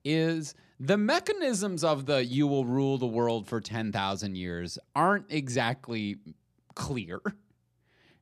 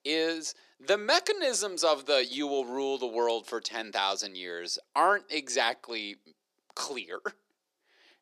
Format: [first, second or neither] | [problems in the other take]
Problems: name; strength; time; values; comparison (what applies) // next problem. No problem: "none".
first | thin; somewhat; fading below 350 Hz